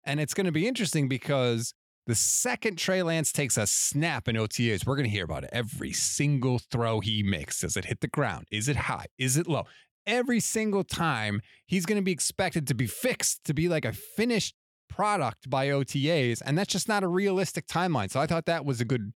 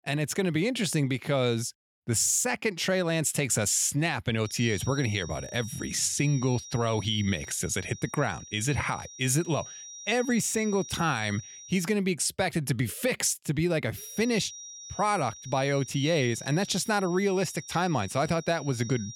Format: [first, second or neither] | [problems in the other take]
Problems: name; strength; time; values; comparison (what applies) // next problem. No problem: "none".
first | high-pitched whine; noticeable; from 4.5 to 12 s and from 14 s on; 5.5 kHz, 15 dB below the speech